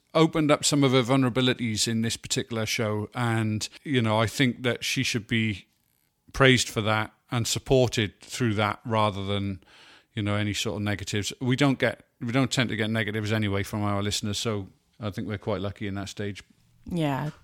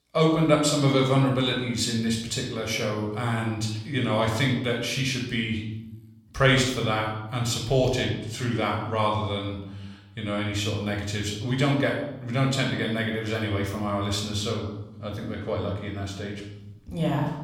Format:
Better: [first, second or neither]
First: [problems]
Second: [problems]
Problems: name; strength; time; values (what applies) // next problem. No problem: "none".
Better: first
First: none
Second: off-mic speech; somewhat distant // room echo; noticeable; dies away in 0.8 s